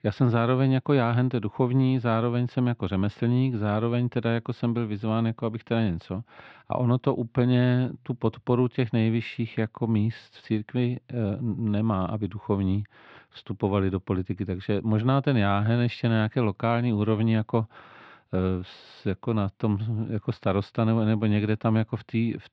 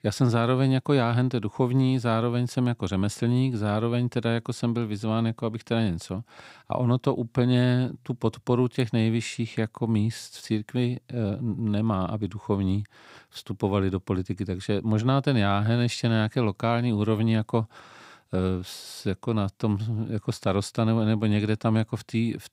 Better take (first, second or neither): second